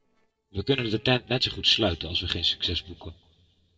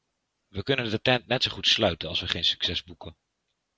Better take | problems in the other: second | noise reduction (neural separator model SepFormer DNS4)

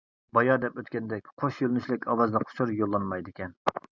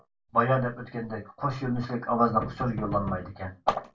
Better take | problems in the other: first | background sound (Knock); 10 dB below the speech // room echo; dies away in 0.2 s

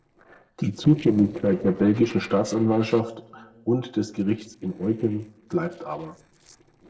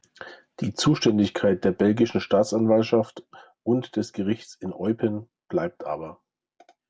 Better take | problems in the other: second | noise reduction (neural separator model SepFormer DNS4)

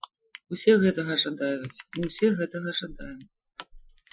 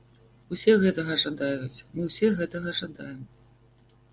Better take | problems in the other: second | noise reduction (classical method Wiener filter)

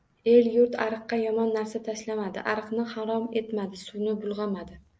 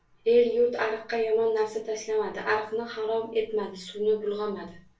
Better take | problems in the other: first | room echo; dies away in 0.2 s

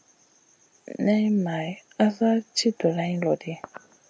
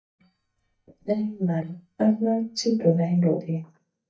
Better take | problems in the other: first | noise reduction (neural mask model DeepFilterNet 3)

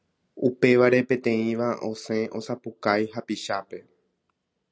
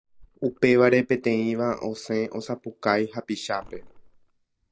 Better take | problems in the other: first | noise reduction (neural mask model DeepFilterNet 3)

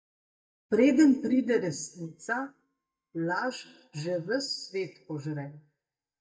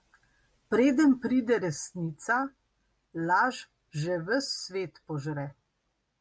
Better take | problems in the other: second | noise reduction (neural mask model DeepFilterNet 3)

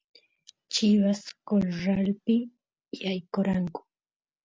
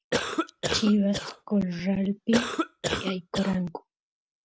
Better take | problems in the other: first | background sound (Cough); 3 dB below the speech

